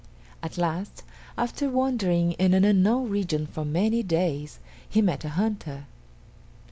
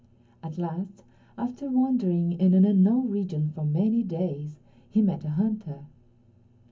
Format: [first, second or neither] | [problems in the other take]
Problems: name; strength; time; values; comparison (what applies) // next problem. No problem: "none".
first | room echo; dies away in 0.3 s